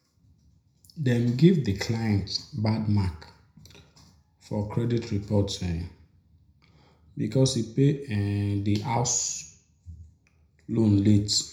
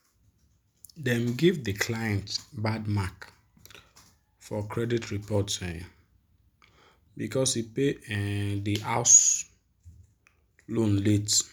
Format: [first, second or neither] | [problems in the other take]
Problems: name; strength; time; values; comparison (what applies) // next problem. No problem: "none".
second | room echo; dies away in 0.5 s